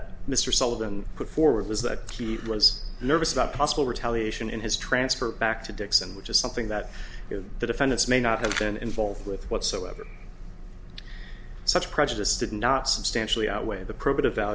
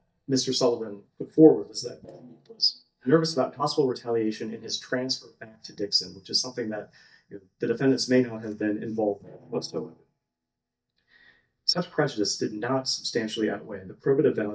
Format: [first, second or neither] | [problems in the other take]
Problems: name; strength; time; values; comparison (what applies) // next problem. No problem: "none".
first | noise reduction (neural mask model DeepFilterNet 3)